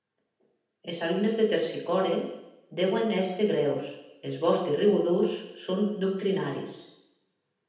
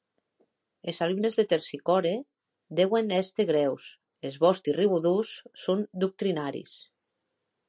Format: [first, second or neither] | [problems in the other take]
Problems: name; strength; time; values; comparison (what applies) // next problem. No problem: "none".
second | room echo; dies away in 0.9 s